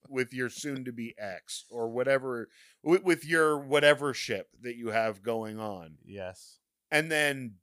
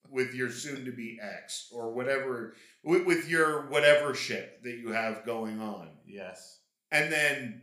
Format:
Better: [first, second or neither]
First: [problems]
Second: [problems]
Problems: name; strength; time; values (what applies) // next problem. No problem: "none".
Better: first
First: none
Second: room echo; very slight; dies away in 0.4 s